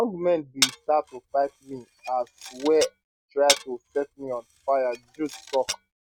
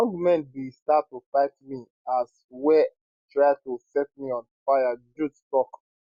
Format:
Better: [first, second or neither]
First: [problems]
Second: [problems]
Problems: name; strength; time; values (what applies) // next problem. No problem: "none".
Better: second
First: background sound (Glass); 6 dB below the speech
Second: none